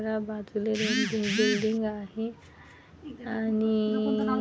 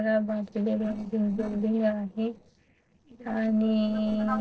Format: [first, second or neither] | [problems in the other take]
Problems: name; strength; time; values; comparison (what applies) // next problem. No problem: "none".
first | noise reduction (neural separator model SepFormer DNS4)